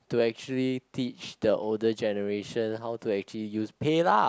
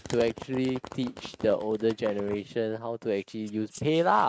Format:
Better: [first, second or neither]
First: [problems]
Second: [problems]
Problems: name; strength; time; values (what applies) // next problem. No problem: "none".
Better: first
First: none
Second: noise reduction (neural mask model RNNoise)